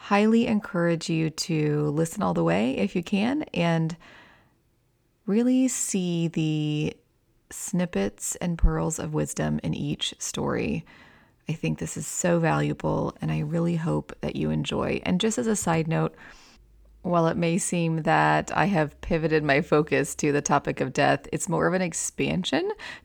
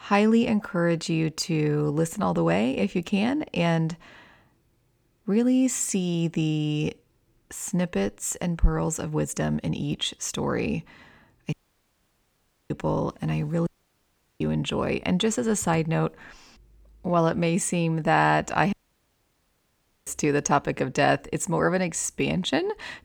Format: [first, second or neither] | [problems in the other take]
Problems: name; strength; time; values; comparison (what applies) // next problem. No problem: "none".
first | audio cutting out; at 12 s for 1 s, at 14 s for 0.5 s and at 19 s for 1.5 s